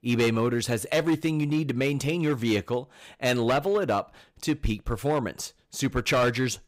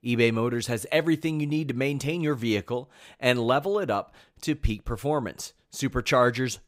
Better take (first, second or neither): second